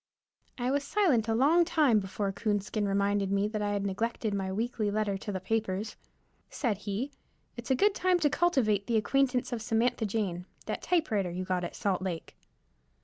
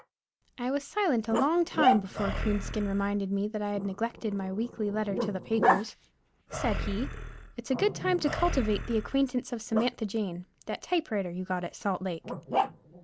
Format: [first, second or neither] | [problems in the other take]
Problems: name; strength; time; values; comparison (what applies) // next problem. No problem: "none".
first | background sound (Animal + Growling); 4 dB below the speech